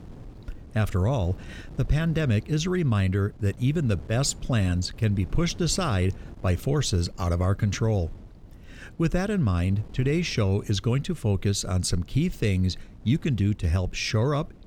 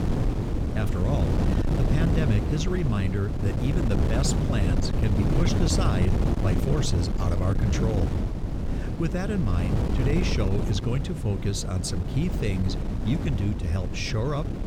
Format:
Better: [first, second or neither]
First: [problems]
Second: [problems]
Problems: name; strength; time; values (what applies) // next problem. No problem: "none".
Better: first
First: wind noise on the microphone; occasional gusts; 25 dB below the speech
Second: wind noise on the microphone; heavy; 1 dB below the speech